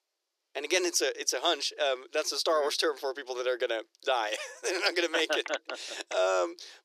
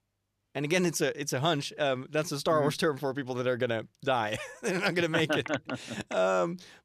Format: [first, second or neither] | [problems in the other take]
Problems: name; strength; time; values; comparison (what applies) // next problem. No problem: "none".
second | thin; very; fading below 350 Hz